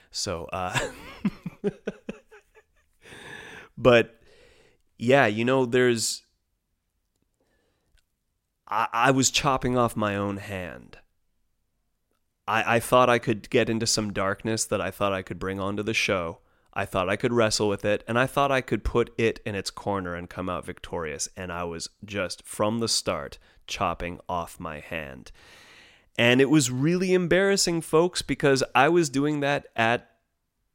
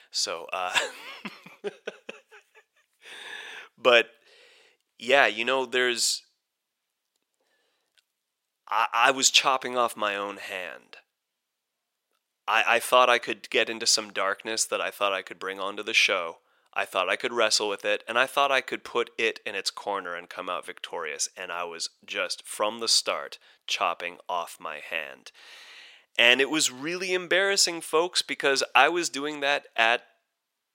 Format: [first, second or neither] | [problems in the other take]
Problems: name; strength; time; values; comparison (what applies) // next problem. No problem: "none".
first | thin; somewhat; fading below 500 Hz